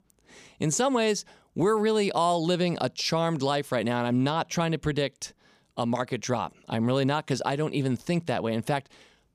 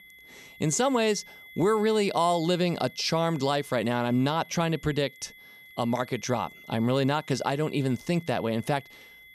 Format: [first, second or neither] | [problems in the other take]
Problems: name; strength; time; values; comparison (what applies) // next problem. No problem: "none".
first | high-pitched whine; faint; throughout; 2 kHz, 20 dB below the speech